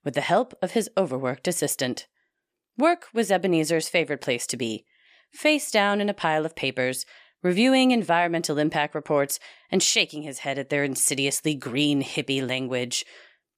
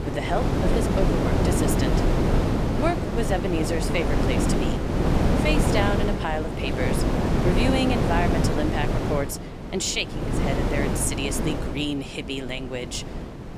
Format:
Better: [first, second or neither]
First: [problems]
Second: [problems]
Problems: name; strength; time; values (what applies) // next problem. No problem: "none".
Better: first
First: none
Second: wind noise on the microphone; heavy; 1 dB above the speech